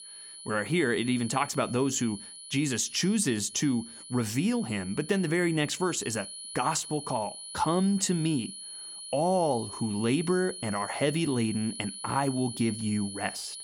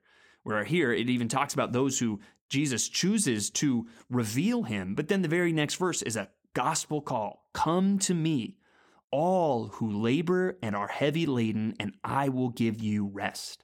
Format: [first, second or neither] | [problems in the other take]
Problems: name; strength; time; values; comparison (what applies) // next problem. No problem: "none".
second | high-pitched whine; noticeable; throughout; 10 kHz, 10 dB below the speech